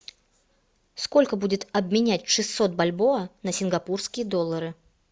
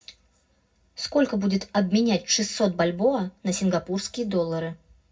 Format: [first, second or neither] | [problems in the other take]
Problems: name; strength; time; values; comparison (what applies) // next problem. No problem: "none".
first | room echo; dies away in 0.4 s